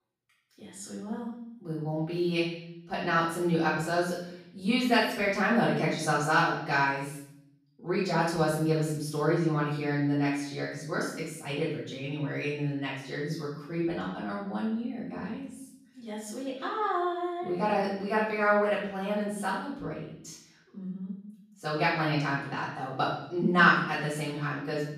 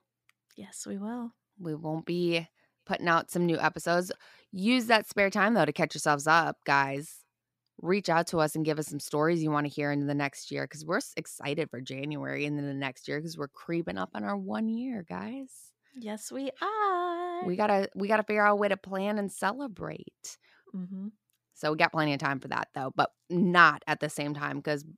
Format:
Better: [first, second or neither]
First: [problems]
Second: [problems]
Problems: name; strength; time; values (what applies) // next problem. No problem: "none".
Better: second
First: off-mic speech; far // room echo; noticeable; dies away in 0.7 s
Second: none